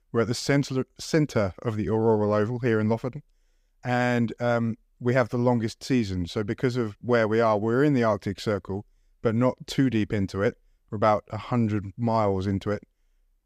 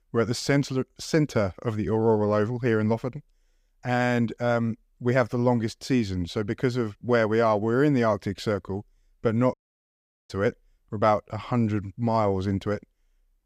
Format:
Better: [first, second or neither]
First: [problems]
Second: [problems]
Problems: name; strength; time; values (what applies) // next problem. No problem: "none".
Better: first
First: none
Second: audio cutting out; at 9.5 s for 1 s